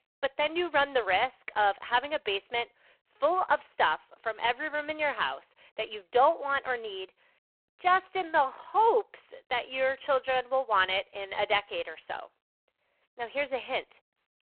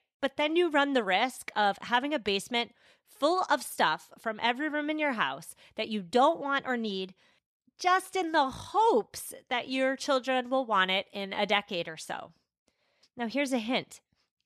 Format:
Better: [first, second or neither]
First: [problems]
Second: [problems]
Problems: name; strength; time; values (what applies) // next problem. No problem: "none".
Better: second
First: phone-call audio; poor line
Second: none